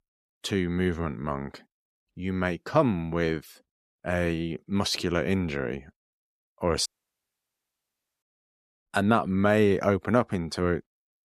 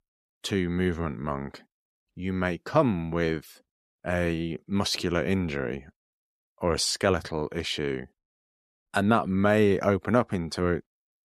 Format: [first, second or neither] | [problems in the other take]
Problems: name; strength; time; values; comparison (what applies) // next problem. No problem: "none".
second | audio cutting out; at 7 s for 1.5 s